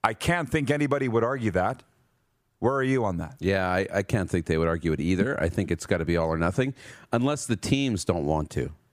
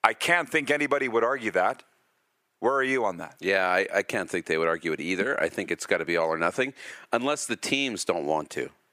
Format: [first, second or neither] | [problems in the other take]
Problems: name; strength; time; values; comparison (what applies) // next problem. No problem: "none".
first | thin; somewhat; fading below 400 Hz